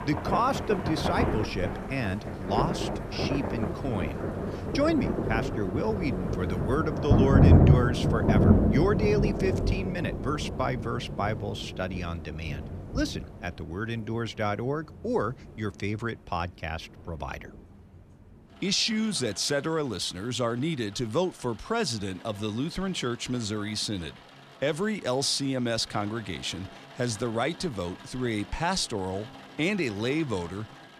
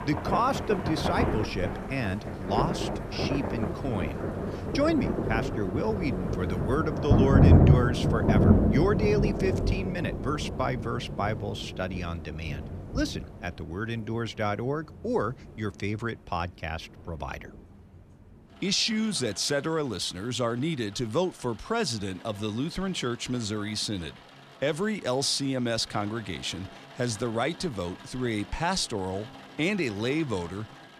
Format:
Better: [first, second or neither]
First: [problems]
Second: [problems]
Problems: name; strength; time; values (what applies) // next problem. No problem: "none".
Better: neither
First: rain or running water; very loud; throughout; 3 dB above the speech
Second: rain or running water; very loud; throughout; 3 dB above the speech